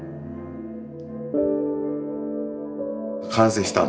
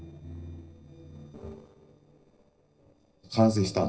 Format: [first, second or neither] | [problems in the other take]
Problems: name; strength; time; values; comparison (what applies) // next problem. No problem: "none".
first | noise reduction (neural separator model SepFormer DNS4)